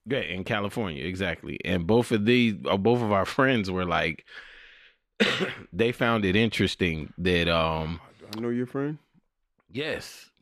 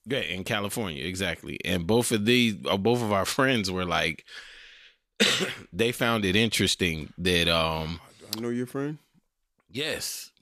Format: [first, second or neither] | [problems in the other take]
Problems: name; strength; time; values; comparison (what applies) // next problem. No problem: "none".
second | muffled; slightly; fading above 4 kHz